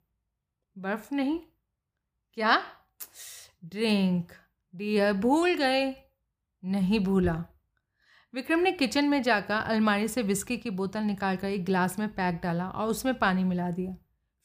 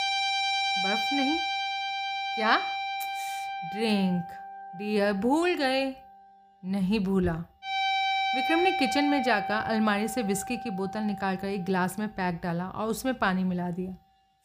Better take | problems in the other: first | background music; loud; throughout; 1 dB below the speech

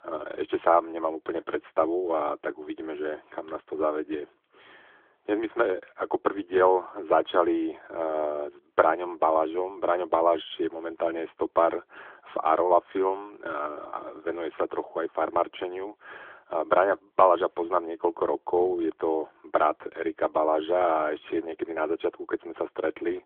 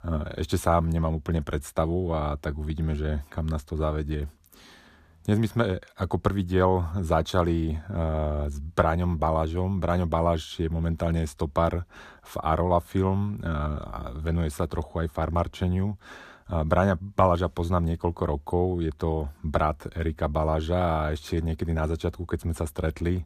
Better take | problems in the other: second | phone-call audio; nothing above 3.5 kHz

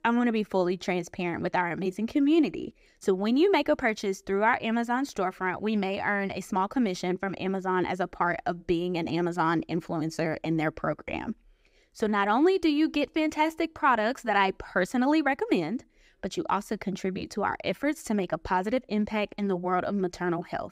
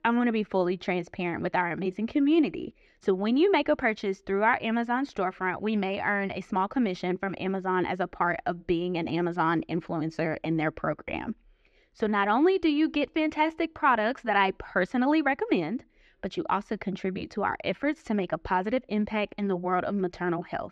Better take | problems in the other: first | muffled; very slightly; fading above 3 kHz

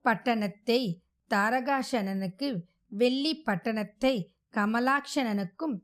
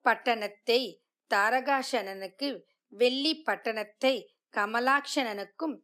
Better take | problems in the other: first | thin; somewhat; fading below 300 Hz

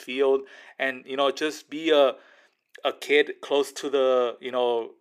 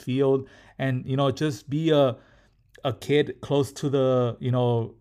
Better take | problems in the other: second | thin; somewhat; fading below 350 Hz

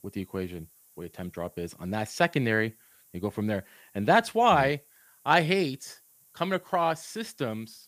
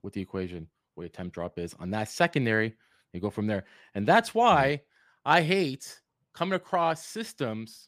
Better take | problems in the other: second | hiss; faint; throughout; 30 dB below the speech

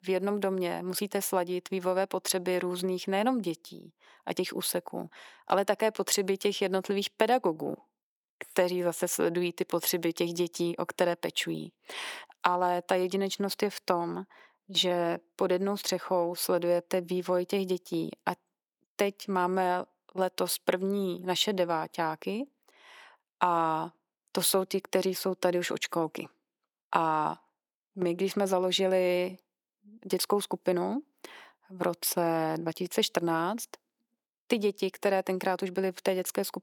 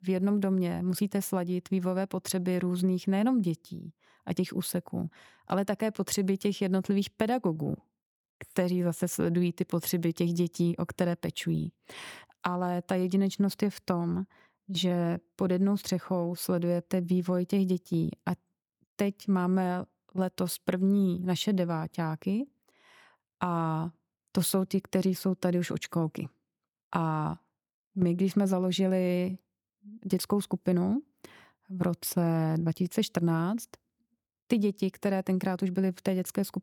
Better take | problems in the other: second | thin; somewhat; fading below 450 Hz

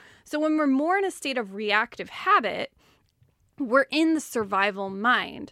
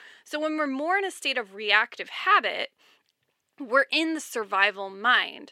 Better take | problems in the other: first | thin; somewhat; fading below 350 Hz

